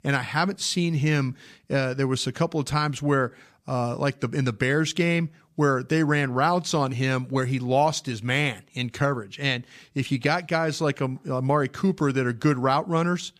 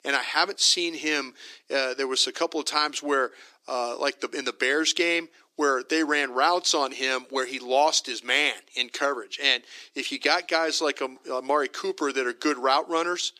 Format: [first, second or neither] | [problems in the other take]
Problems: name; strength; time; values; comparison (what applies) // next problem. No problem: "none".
first | thin; somewhat; fading below 300 Hz